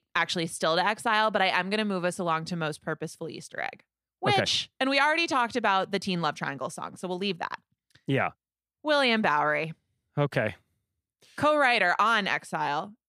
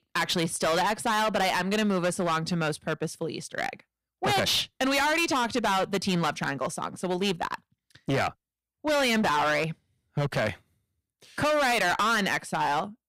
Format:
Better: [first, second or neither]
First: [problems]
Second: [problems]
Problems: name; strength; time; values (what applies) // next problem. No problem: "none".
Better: first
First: none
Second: distortion; heavy; 16% of the sound clipped